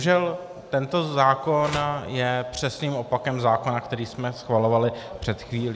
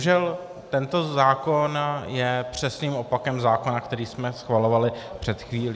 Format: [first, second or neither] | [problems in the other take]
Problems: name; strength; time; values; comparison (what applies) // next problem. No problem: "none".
second | background sound (Telephone); 15 dB below the speech